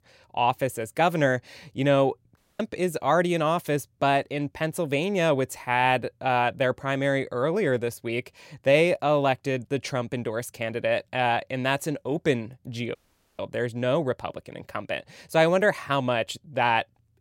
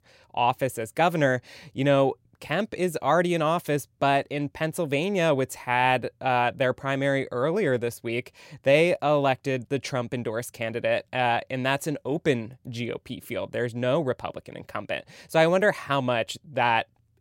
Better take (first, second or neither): second